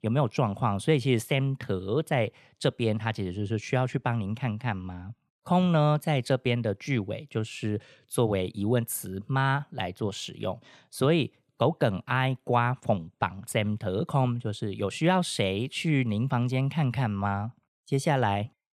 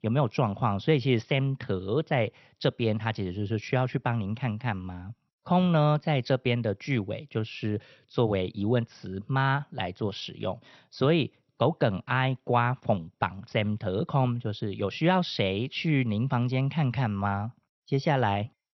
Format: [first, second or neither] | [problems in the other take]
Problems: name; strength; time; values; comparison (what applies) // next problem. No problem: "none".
first | garbled, watery; slightly; nothing above 6 kHz